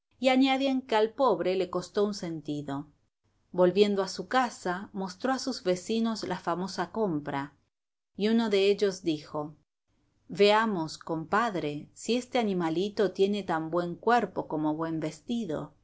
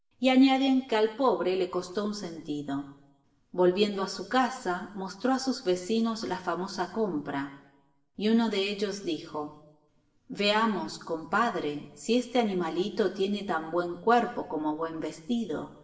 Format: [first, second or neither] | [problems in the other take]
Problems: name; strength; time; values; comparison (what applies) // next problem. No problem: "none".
first | room echo; dies away in 0.9 s